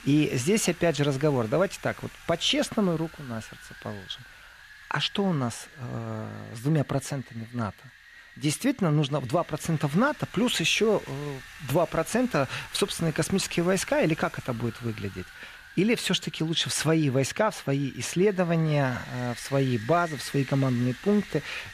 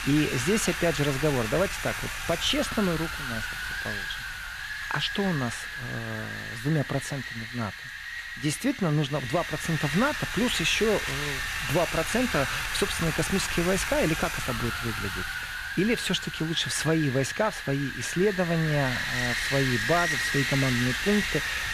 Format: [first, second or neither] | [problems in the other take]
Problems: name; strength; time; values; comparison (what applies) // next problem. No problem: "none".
first | wind noise on the microphone; heavy; as loud as the speech; occasional gusts in the first